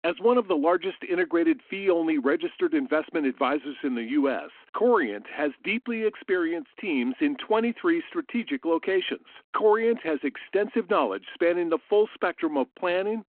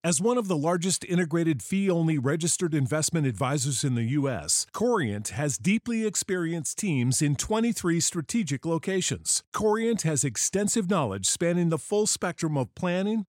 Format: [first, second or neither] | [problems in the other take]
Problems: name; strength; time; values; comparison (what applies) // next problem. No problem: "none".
second | phone-call audio